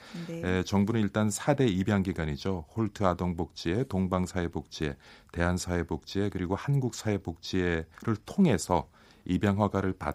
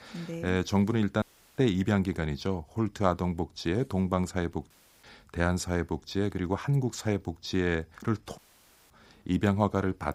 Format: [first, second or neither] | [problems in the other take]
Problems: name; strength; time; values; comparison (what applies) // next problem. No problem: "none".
first | audio cutting out; at 1 s, at 4.5 s and at 8.5 s for 0.5 s